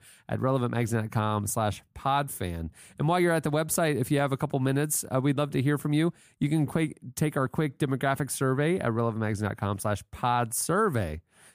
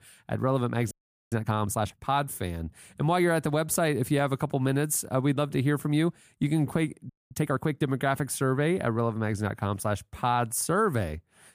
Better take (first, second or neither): first